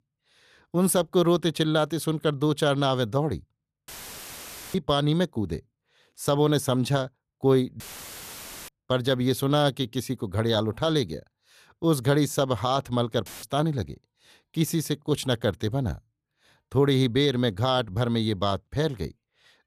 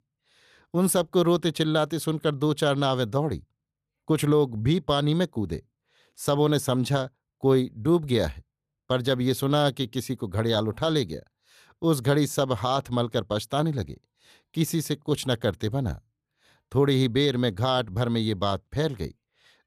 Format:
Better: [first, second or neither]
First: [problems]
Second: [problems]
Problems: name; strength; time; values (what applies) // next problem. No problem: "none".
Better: second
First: audio cutting out; filled with static; at 4 s for 1 s, at 8 s for 1 s and at 13 s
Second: none